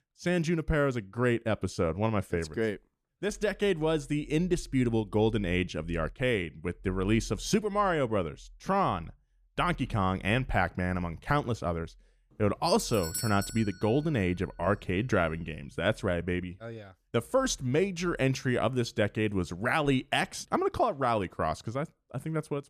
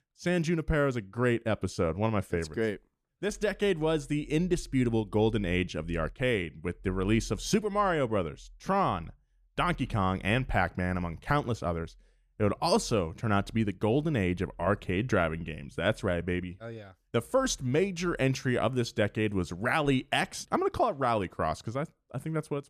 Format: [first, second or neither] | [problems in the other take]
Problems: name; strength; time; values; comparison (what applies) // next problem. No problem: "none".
second | doorbell; noticeable; at 13 s; peak 5 dB below the speech